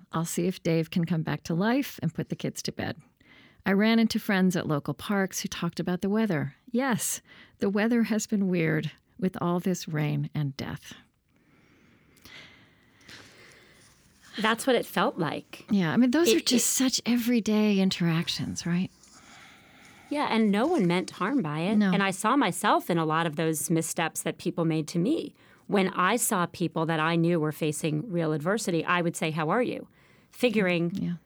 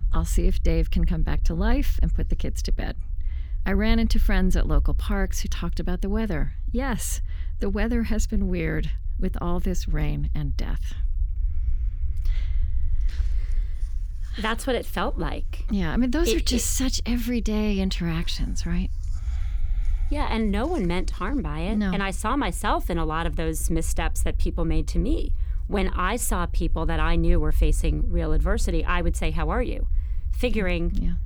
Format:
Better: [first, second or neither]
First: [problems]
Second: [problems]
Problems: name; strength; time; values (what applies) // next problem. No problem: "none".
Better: first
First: none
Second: low rumble; faint; throughout; 25 dB below the speech